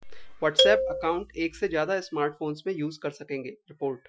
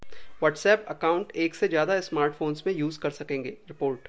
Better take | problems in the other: second | noise reduction (classical method Wiener filter)

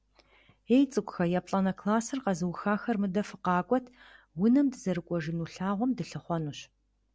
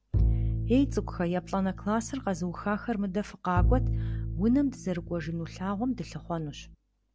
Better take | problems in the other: first | background sound (Bowed string instrument); 1 dB below the speech

